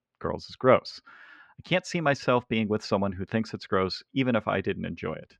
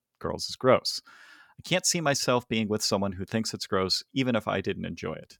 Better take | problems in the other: second | muffled; slightly; fading above 2.5 kHz

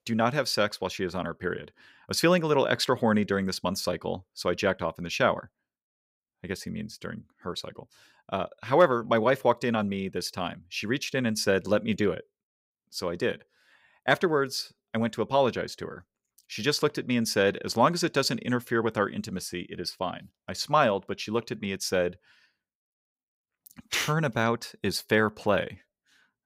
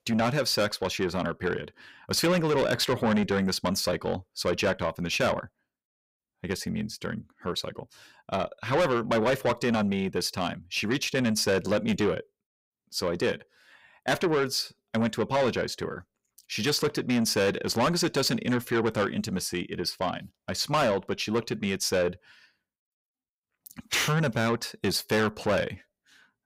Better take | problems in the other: first | distortion; heavy; 7 dB below the speech

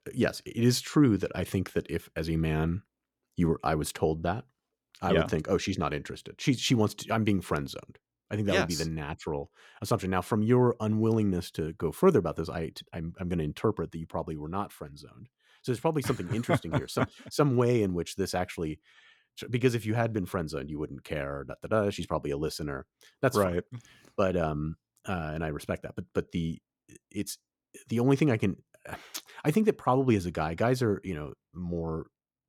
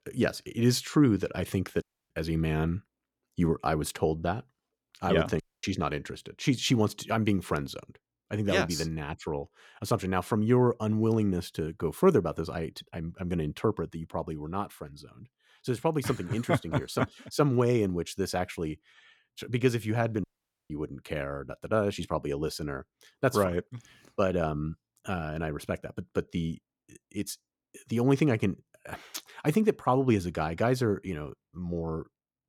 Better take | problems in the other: first | audio cutting out; at 2 s, at 5.5 s and at 20 s

